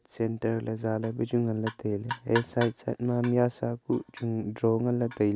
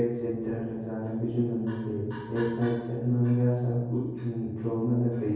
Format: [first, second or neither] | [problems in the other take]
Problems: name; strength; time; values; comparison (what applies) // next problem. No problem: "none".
first | room echo; dies away in 1.3 s